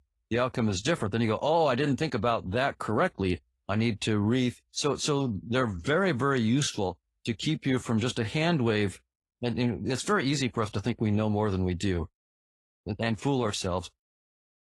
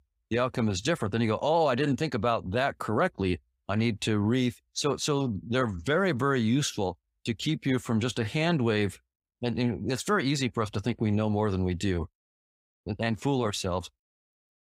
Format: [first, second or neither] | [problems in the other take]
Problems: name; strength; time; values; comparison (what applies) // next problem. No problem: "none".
second | garbled, watery; slightly; nothing above 11 kHz